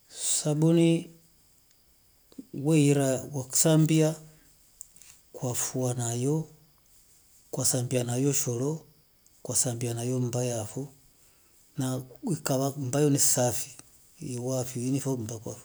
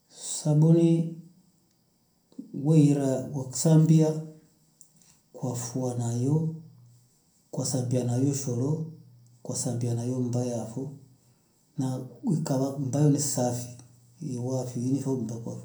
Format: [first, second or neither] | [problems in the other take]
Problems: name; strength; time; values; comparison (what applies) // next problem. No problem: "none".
first | room echo; dies away in 0.5 s